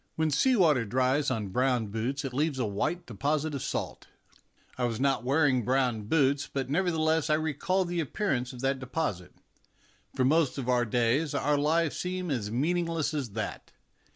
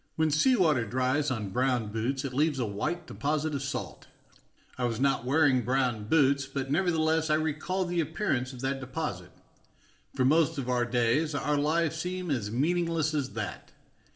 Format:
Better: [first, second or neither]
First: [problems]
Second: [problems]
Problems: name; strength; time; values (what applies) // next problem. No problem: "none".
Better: first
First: none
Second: room echo; dies away in 0.6 s